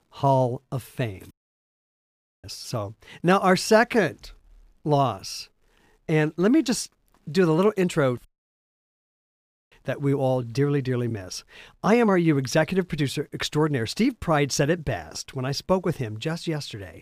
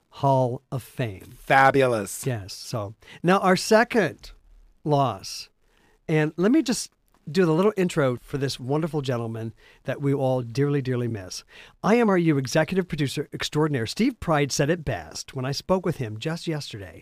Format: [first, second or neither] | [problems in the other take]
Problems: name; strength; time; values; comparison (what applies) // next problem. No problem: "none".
second | audio cutting out; at 1.5 s for 1 s and at 8.5 s for 1.5 s